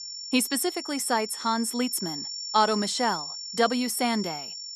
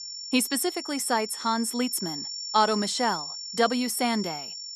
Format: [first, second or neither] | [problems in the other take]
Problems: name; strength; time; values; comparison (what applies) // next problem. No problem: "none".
neither | high-pitched whine; loud; throughout; 5.5 kHz, 7 dB below the speech; the same in both